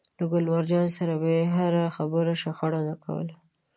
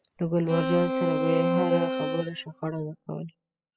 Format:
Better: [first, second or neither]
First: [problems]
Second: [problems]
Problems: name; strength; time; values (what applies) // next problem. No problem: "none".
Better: first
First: none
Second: noise reduction (classical method spectral subtraction)